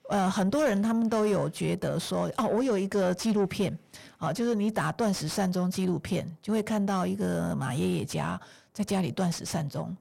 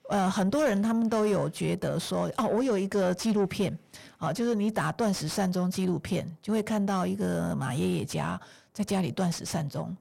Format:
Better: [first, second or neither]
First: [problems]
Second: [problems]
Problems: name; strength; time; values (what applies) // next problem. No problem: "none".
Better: neither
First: distortion; slight; 10 dB below the speech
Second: distortion; slight; 10 dB below the speech